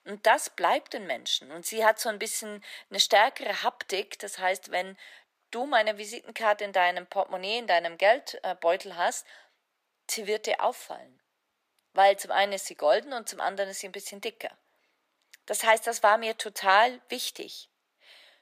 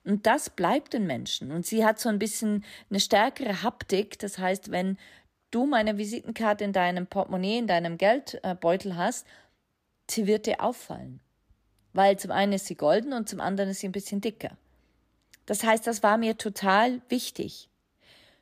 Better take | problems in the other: second | thin; very; fading below 650 Hz

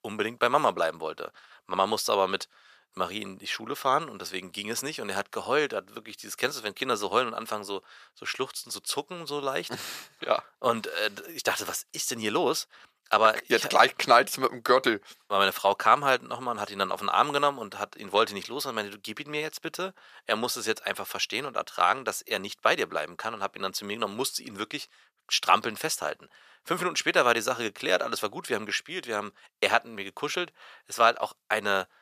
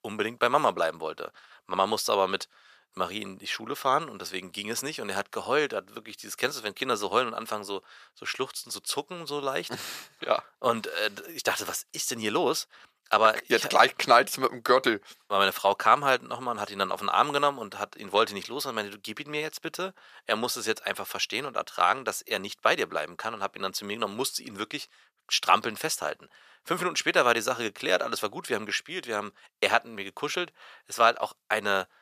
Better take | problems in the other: neither | thin; very; fading below 500 Hz; the same in both

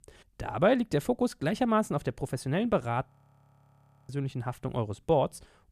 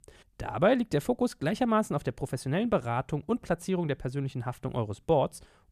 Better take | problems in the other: second | audio freezing; at 3 s for 1 s

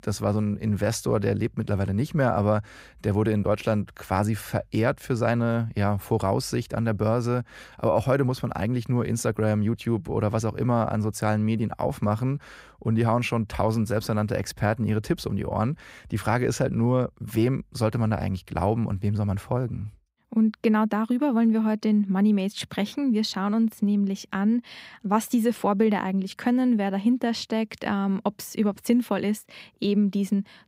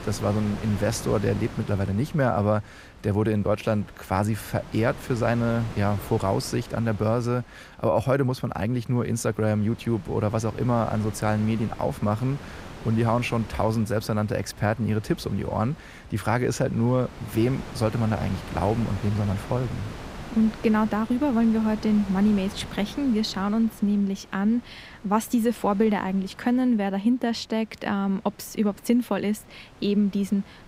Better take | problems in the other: first | wind noise on the microphone; occasional gusts; 15 dB below the speech

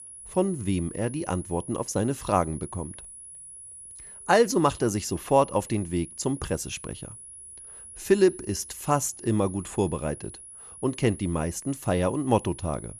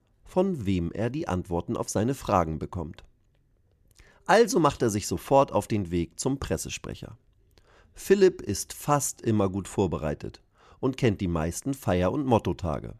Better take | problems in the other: second | high-pitched whine; noticeable; throughout; 10.5 kHz, 15 dB below the speech

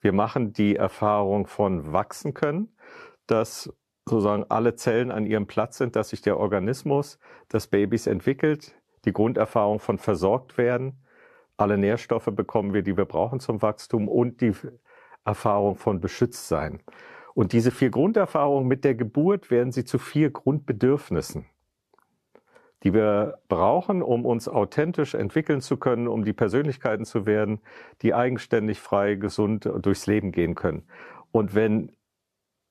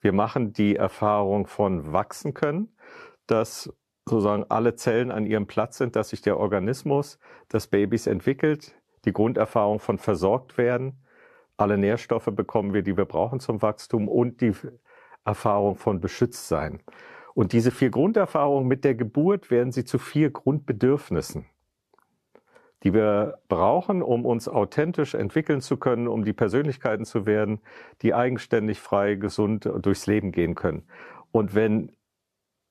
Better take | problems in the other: neither | none

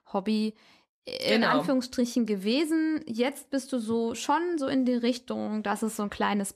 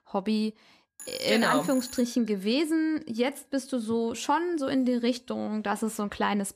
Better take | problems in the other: first | alarms or sirens; noticeable; throughout; 15 dB below the speech

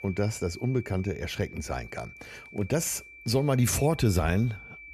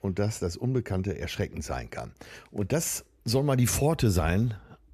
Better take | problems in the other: second | high-pitched whine; noticeable; throughout; 2.5 kHz, 20 dB below the speech

